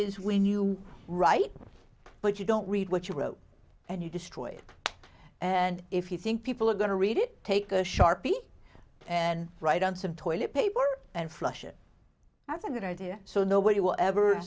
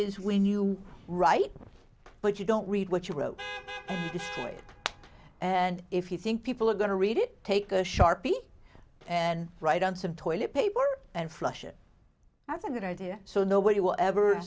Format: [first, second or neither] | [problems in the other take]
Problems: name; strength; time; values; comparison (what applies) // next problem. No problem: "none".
first | background sound (Vehicle horn, car horn, honking); 13 dB below the speech